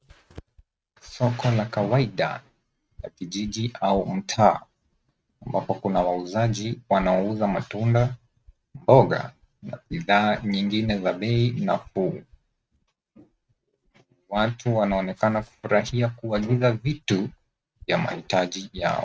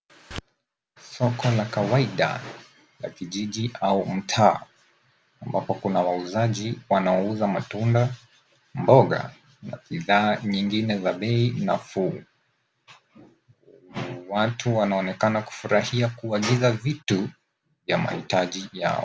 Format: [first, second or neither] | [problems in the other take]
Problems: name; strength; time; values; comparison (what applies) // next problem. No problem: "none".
second | noise reduction (neural mask model RNNoise)